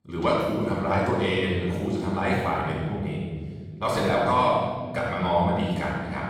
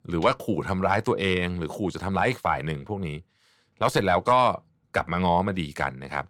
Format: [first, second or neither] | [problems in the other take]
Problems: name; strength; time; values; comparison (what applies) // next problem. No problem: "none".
second | off-mic speech; far // room echo; strong; dies away in 2 s